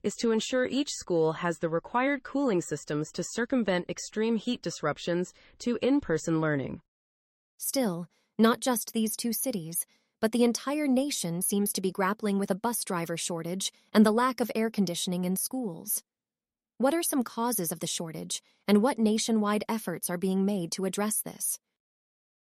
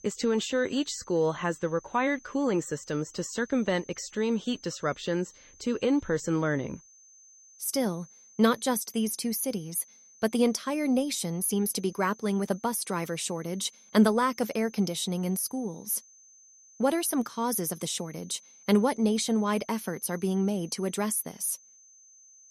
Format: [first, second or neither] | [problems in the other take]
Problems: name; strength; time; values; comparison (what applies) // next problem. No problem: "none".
first | high-pitched whine; faint; throughout; 6 kHz, 25 dB below the speech